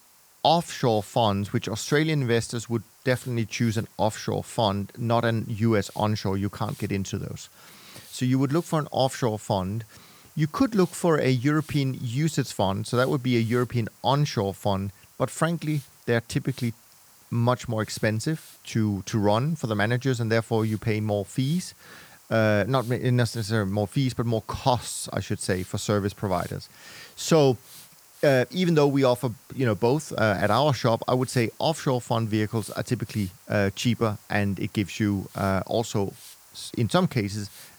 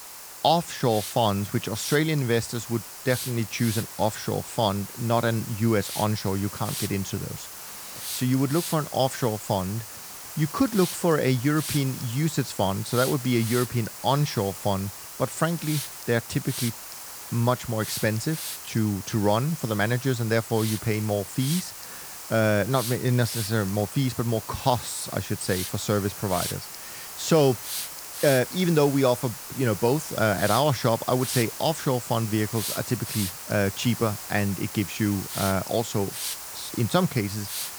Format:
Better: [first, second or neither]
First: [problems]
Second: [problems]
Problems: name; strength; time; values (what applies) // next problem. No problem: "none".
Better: first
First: hiss; faint; throughout; 25 dB below the speech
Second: hiss; loud; throughout; 8 dB below the speech